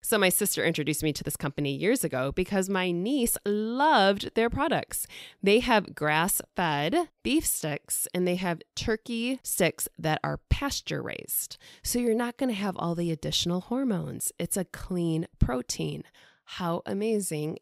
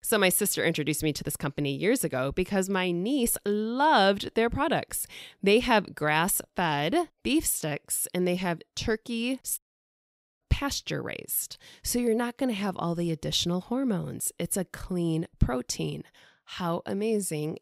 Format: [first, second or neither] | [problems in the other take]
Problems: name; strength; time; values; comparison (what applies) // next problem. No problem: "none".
first | audio cutting out; at 9.5 s for 1 s